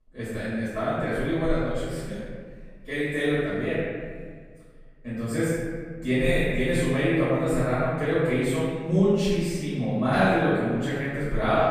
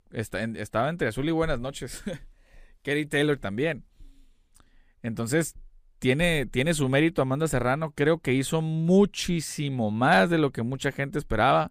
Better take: second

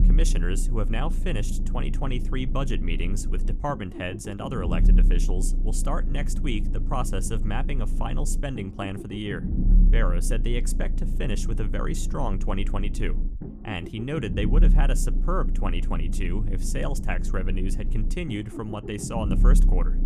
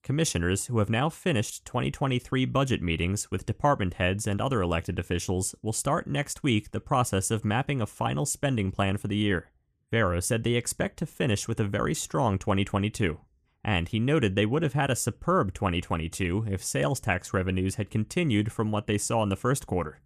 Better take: second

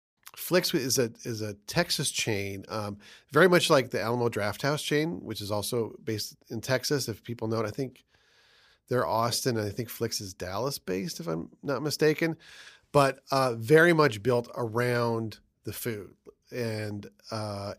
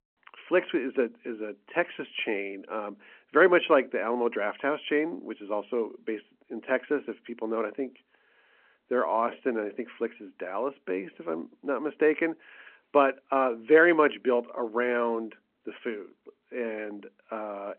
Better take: first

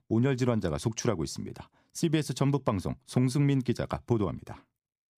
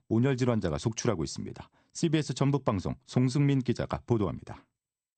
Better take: first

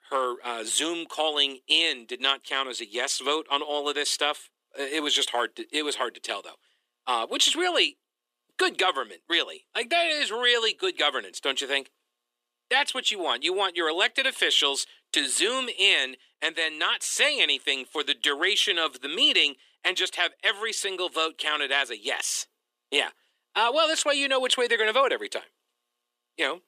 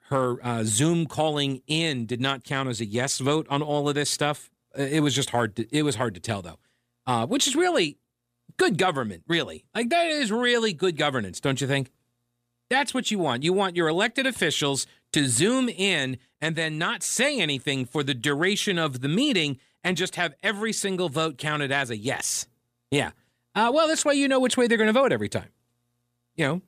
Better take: second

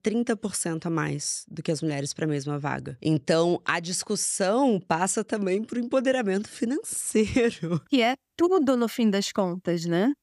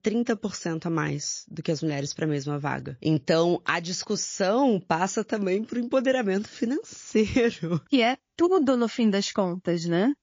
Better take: first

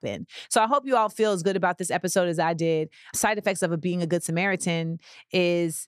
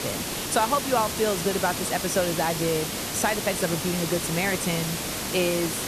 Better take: first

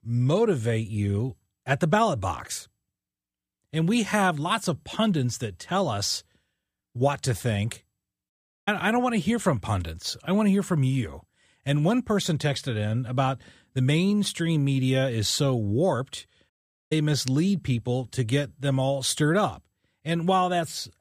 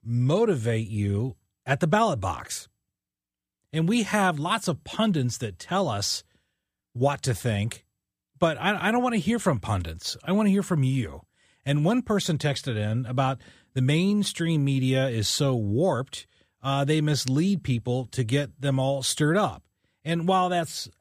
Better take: second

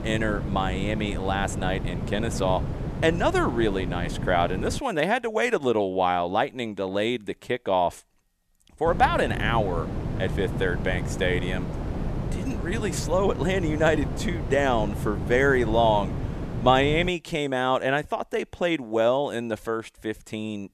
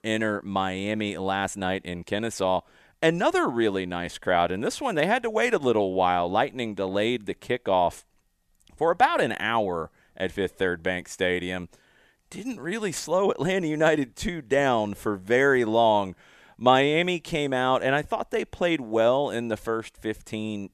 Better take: second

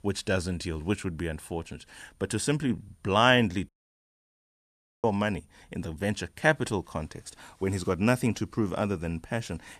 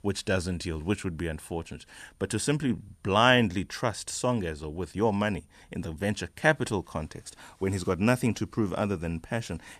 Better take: second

